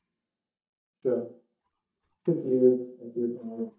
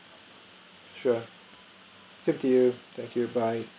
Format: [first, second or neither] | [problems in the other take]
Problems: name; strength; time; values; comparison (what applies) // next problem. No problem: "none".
second | noise reduction (neural mask model DeepFilterNet 3)